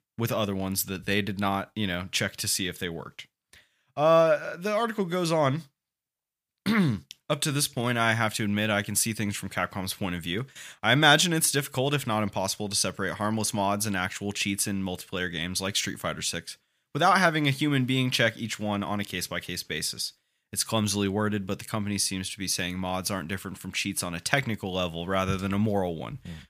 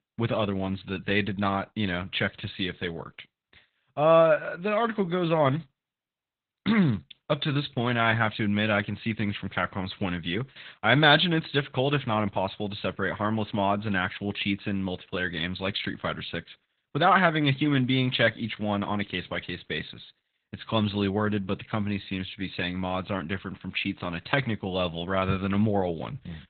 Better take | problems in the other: first | garbled, watery; badly; nothing above 4 kHz

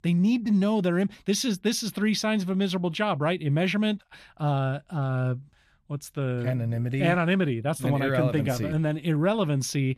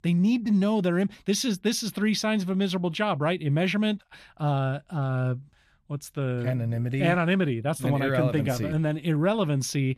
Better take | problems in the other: neither | none

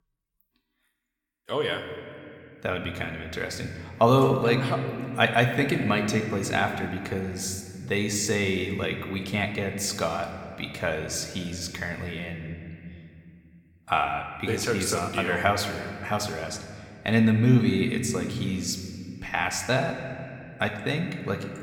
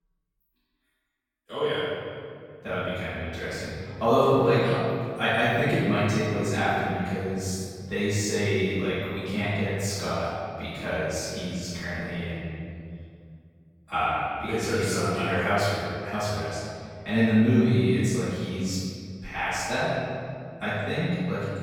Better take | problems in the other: first | room echo; strong; dies away in 2.2 s; slight in the first // off-mic speech; far

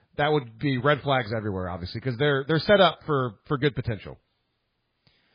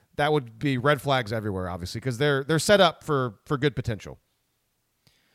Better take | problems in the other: second | garbled, watery; badly

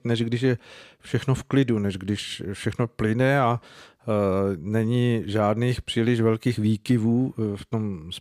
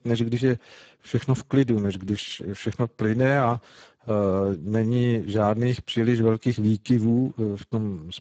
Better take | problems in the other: first | garbled, watery; badly; nothing above 7.5 kHz

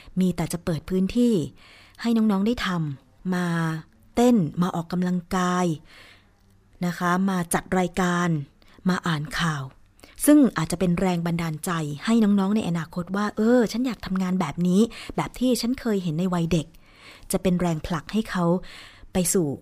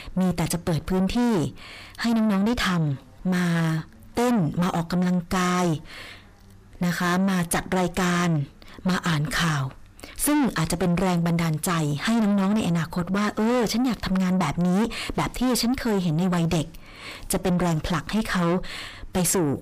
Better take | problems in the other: first | distortion; heavy; 6 dB below the speech

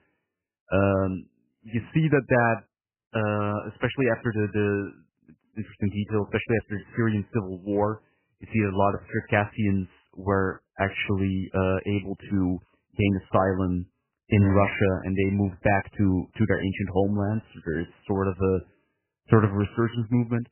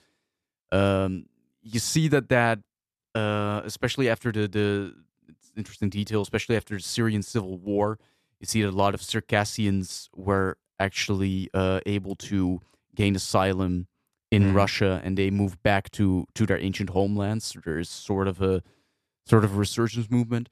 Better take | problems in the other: second | garbled, watery; badly; nothing above 3 kHz

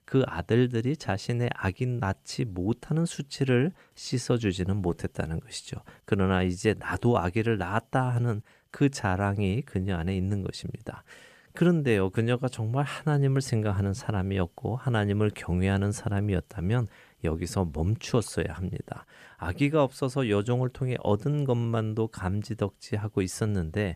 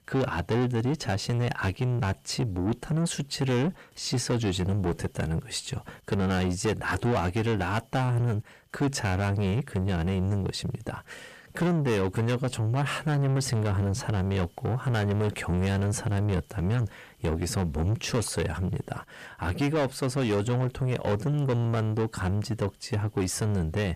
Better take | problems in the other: first | distortion; heavy; 8 dB below the speech

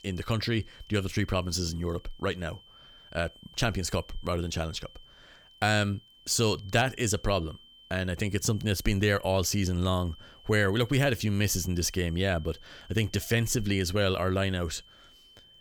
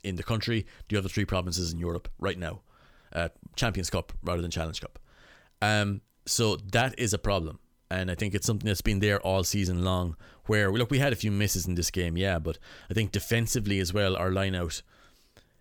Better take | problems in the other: second | high-pitched whine; faint; throughout; 3 kHz, 25 dB below the speech

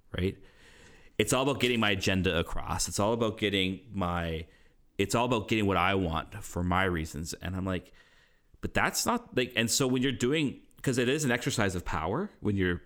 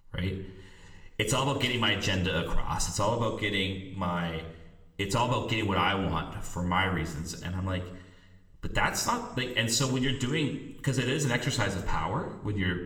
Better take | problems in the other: first | room echo; slight; dies away in 0.8 s

